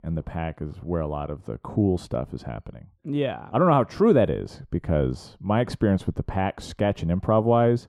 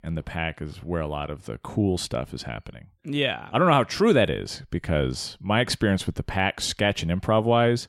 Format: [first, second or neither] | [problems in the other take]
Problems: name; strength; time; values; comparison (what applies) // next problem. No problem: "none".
second | muffled; slightly; fading above 1.5 kHz